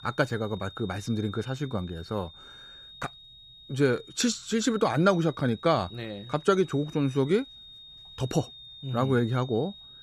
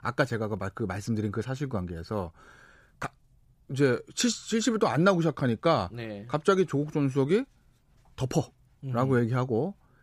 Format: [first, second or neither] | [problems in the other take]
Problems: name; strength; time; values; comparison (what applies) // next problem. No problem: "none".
second | high-pitched whine; noticeable; throughout; 3.5 kHz, 20 dB below the speech